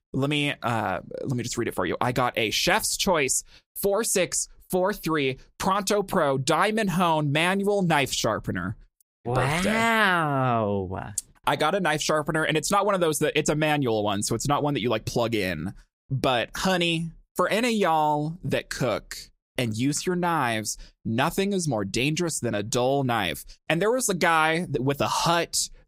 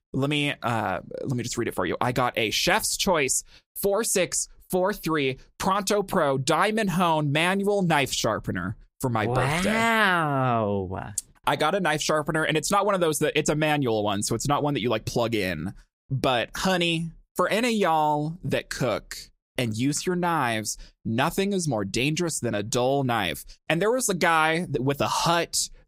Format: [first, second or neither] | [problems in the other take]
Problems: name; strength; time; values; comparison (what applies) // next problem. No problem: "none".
second | audio cutting out; at 9 s